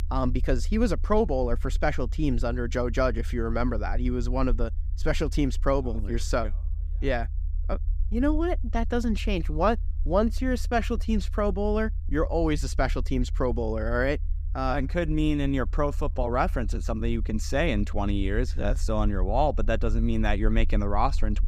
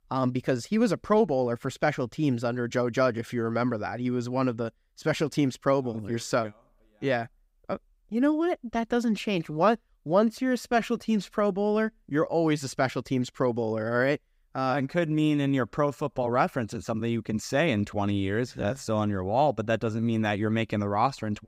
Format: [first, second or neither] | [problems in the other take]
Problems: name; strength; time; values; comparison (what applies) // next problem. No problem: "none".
second | low rumble; faint; throughout; 25 dB below the speech